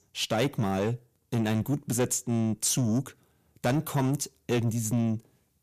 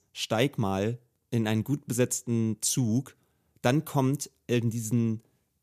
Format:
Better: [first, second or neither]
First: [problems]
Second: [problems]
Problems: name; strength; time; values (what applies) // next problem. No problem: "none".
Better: second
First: distortion; slight; 10 dB below the speech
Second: none